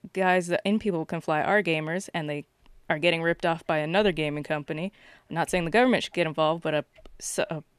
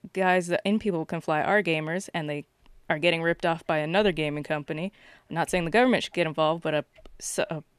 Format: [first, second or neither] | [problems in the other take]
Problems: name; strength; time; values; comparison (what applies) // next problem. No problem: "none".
neither | none